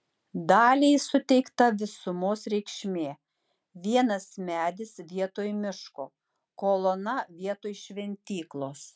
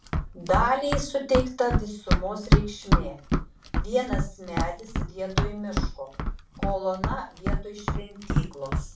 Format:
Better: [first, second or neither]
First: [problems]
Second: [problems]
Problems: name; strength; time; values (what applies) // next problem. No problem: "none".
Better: first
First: none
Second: background sound (Run); 3 dB above the speech // room echo; dies away in 0.3 s